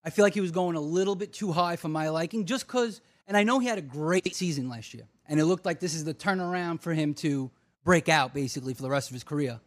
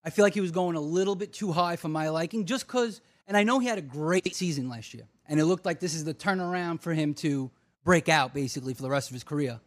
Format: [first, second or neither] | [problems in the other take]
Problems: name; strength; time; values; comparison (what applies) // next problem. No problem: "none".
neither | none